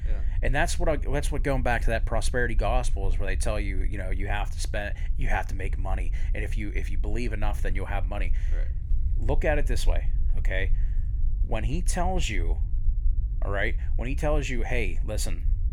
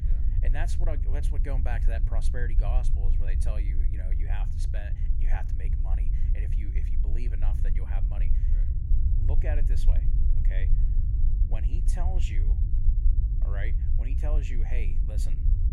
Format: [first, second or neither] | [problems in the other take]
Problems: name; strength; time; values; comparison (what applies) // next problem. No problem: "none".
first | low rumble; loud; throughout; 5 dB below the speech; faint in the first